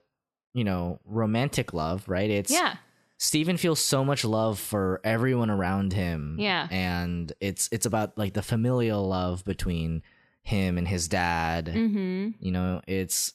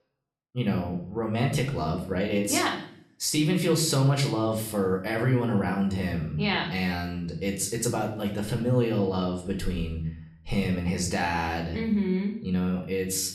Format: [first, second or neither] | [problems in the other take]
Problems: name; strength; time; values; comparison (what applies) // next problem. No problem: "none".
first | room echo; slight; dies away in 0.5 s // off-mic speech; somewhat distant